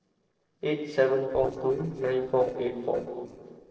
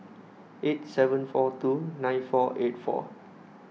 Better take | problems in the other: second | noise reduction (neural separator model SepFormer DNS4)

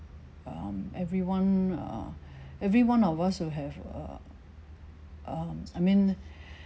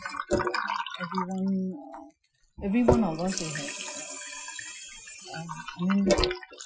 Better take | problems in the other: first | noise reduction (classical method Wiener filter)

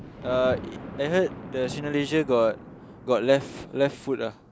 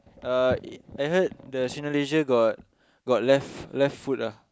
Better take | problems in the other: second | background sound (Thunder); 14 dB below the speech

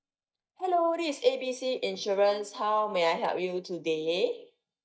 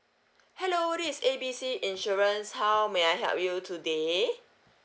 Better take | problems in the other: second | noise reduction (neural mask model DeepFilterNet 3)

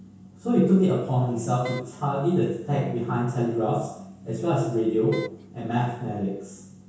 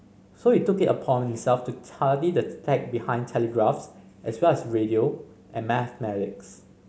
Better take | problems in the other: second | background sound (Wind instrument, woodwind instrument); 13 dB below the speech // room echo; dies away in 0.6 s

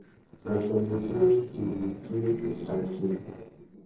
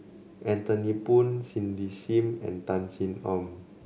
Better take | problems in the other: second | noise reduction (neural separator model SepFormer DNS4)

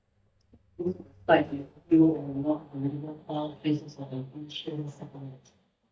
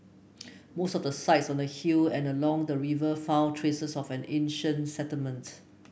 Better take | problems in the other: second | noise reduction (neural mask model DeepFilterNet 3)

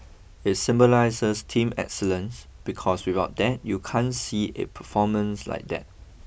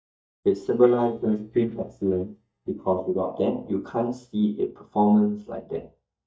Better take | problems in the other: first | noise reduction (neural mask model DeepFilterNet 3)

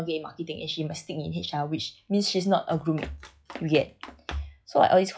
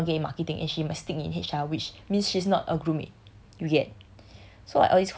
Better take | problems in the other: second | noise reduction (classical method log-MMSE)

